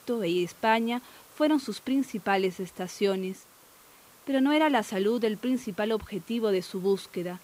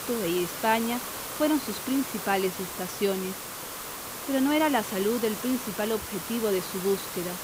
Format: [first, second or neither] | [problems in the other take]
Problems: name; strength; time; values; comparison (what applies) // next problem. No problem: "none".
first | hiss; loud; throughout; 6 dB below the speech; faint in the first